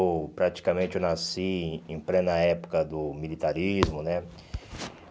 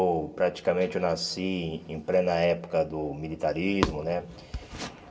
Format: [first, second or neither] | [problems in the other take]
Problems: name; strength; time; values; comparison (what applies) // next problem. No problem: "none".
first | room echo; dies away in 0.3 s